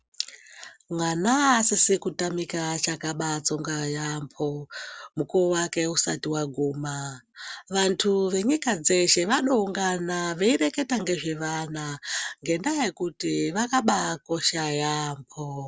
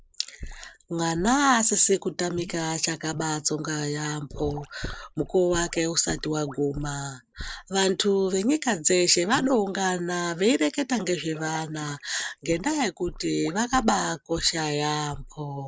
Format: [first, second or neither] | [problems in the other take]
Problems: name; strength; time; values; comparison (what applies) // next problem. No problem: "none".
first | noise reduction (neural mask model Resemble Enhance denoiser)